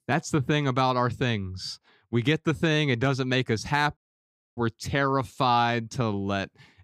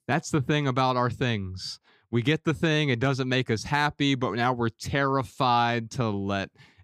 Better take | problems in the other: second | audio cutting out; at 4 s for 0.5 s

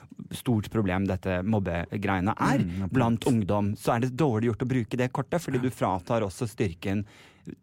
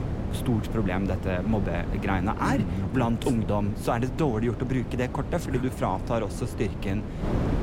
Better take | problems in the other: first | wind noise on the microphone; heavy; 9 dB below the speech

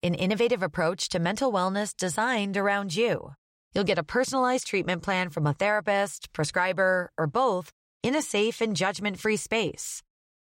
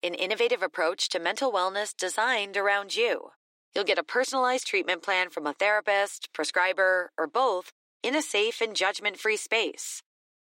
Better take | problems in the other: first | thin; somewhat; fading below 300 Hz

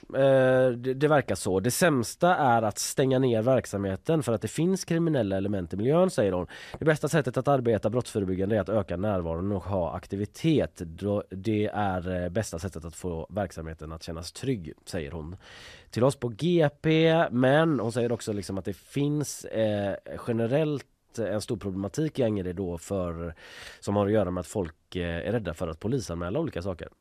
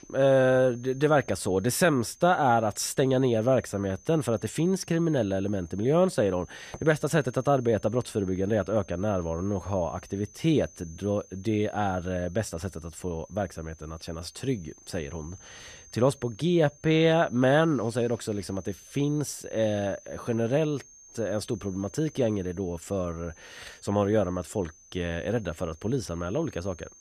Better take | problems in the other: first | high-pitched whine; faint; throughout; 6.5 kHz, 25 dB below the speech

